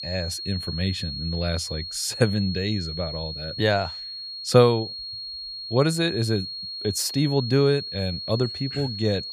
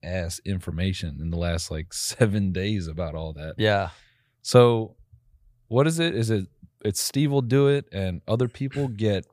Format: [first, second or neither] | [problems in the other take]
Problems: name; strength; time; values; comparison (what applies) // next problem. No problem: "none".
second | high-pitched whine; loud; throughout; 4.5 kHz, 7 dB below the speech